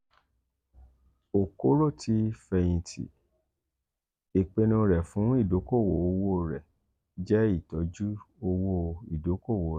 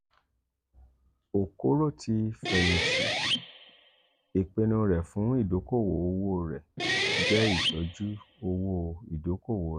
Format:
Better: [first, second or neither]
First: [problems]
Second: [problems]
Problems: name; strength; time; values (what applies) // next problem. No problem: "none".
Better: first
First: none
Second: background sound (Guitar); 1 dB below the speech